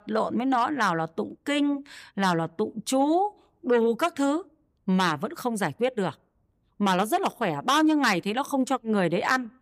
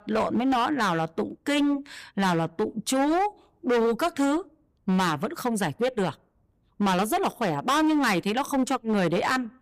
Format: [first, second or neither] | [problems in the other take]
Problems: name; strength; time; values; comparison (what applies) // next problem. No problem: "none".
first | distortion; slight; 15% of the sound clipped